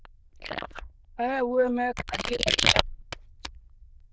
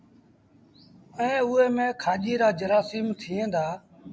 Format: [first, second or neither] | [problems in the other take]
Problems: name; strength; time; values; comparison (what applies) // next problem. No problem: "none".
second | noise reduction (neural diffusion model UNIVERSE++)